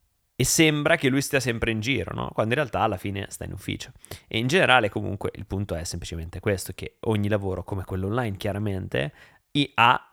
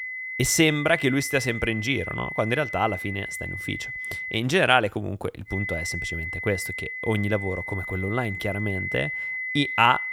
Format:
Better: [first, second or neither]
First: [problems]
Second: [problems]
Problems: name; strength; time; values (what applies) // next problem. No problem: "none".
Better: first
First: none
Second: high-pitched whine; loud; until 4.5 s and from 5.5 s on; 2 kHz, 5 dB below the speech